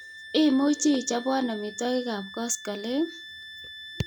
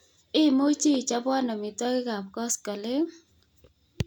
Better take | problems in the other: second | background sound (Wind instrument, woodwind instrument); 16 dB below the speech

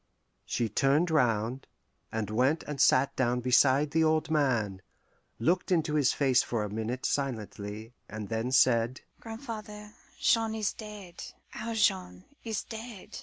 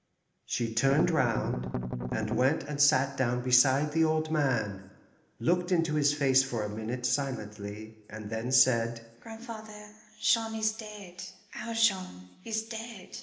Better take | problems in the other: first | background sound (Strum); 3 dB below the speech // room echo; dies away in 0.8 s

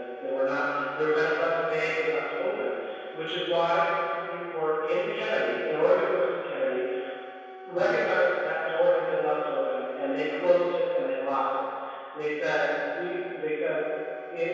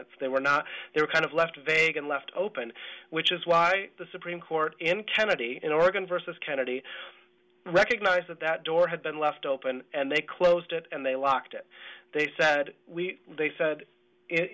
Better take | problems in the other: second | background sound (Wind instrument, woodwind instrument); 20 dB below the speech // room echo; dies away in 2.2 s

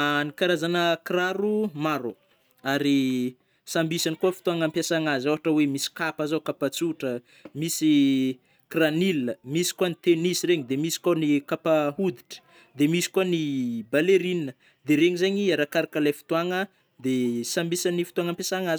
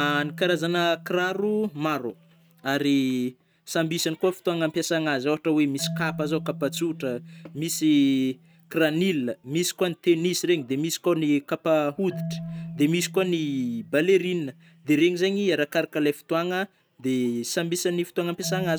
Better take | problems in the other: first | background sound (Marimba, xylophone); 16 dB below the speech

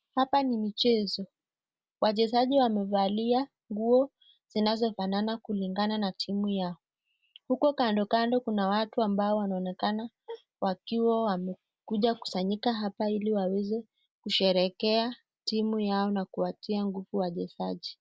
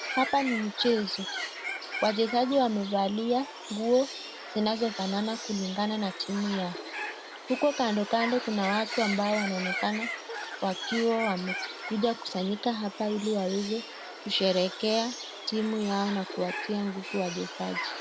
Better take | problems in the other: first | background sound (Bird); 8 dB below the speech

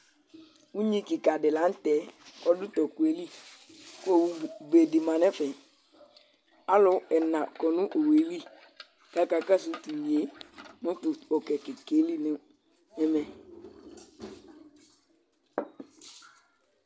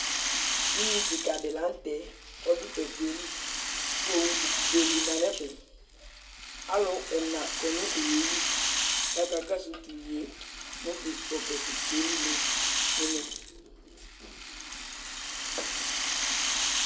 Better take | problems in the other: first | background sound (Rattle (instrument)); 3 dB above the speech // room echo; dies away in 0.2 s

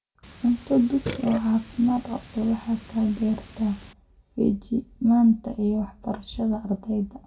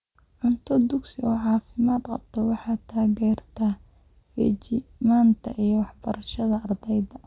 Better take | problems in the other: second | background sound (Burping, eructation); 15 dB below the speech // room echo; dies away in 0.2 s

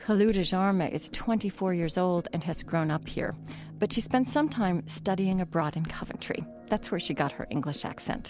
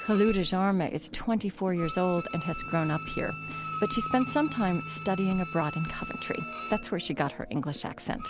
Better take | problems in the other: first | background sound (Bowed string instrument); 11 dB below the speech

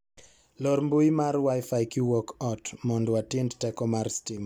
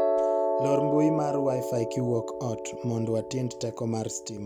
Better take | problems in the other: first | background sound (Piano); 1 dB below the speech

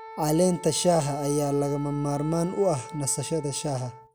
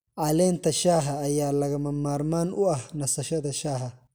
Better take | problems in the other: second | background sound (Wind instrument, woodwind instrument); 16 dB below the speech

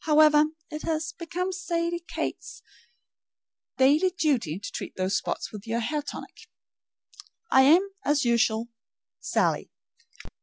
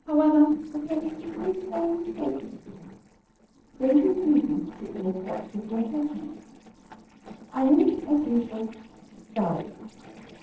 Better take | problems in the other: first | noise reduction (neural separator model SepFormer DNS4)

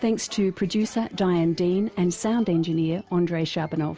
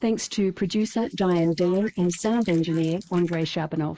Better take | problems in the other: first | noise reduction (neural mask model Resemble Enhance denoiser)

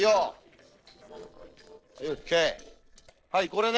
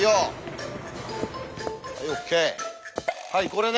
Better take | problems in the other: second | noise reduction (neural separator model SepFormer DNS4)

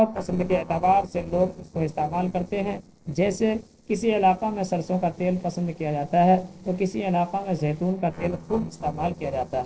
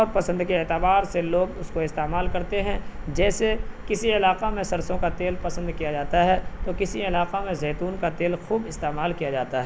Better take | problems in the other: second | noise reduction (neural separator model SepFormer DNS4)

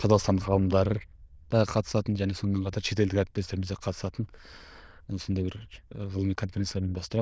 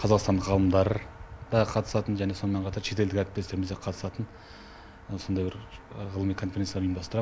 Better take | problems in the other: second | noise reduction (neural diffusion model UNIVERSE++)

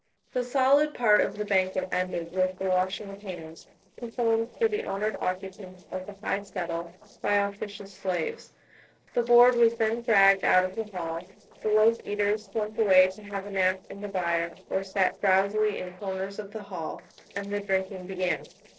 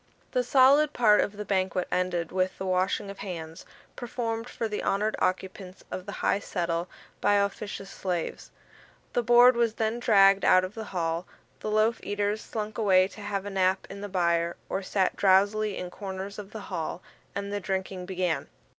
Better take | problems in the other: second | noise reduction (neural separator model SepFormer DNS4)

